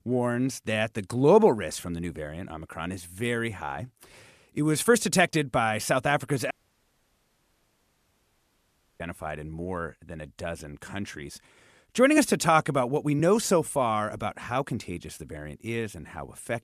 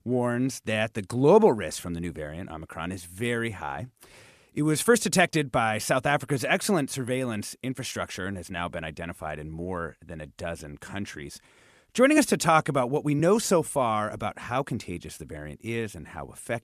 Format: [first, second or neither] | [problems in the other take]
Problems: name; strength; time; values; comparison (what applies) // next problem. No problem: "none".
second | audio cutting out; at 6.5 s for 2.5 s